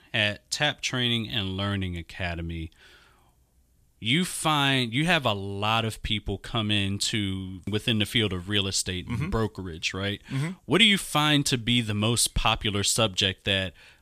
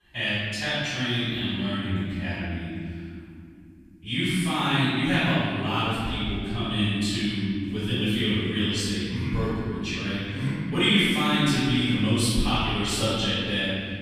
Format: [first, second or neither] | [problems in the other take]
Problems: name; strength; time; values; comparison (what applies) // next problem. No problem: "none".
first | off-mic speech; far // room echo; strong; dies away in 2.8 s